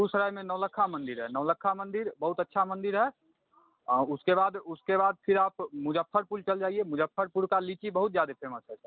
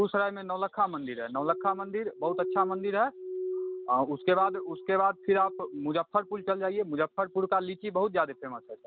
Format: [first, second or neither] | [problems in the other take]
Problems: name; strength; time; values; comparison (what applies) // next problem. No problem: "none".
first | background sound (Glass); 11 dB below the speech